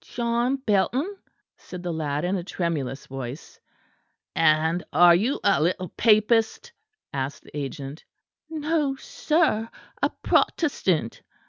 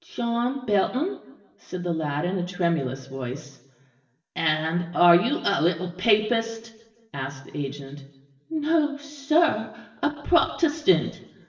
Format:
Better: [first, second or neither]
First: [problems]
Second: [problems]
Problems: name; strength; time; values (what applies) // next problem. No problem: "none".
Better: first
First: none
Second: room echo; dies away in 1 s